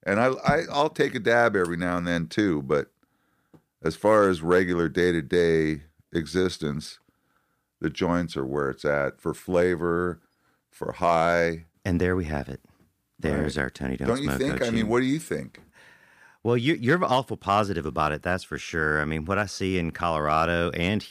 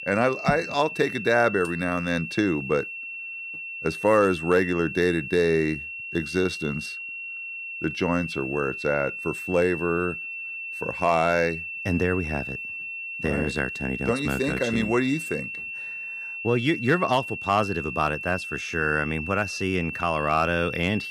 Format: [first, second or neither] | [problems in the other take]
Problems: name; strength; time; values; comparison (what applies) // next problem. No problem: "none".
first | high-pitched whine; loud; throughout; 2.5 kHz, 7 dB below the speech